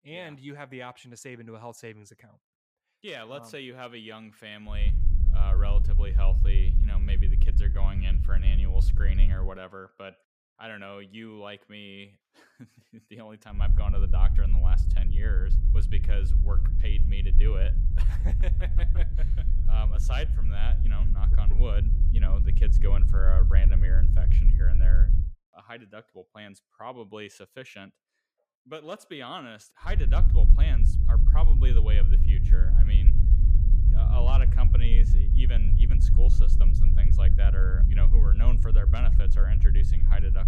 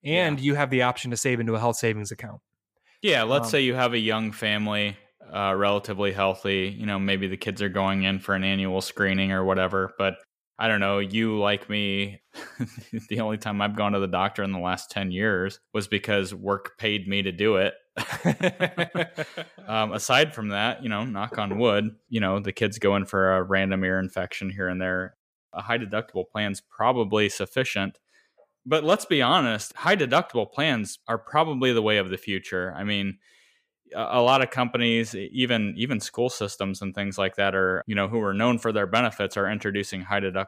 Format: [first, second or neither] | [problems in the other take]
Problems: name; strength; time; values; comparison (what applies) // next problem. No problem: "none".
second | low rumble; loud; from 5 to 9.5 s, from 14 to 25 s and from 30 s on; 4 dB below the speech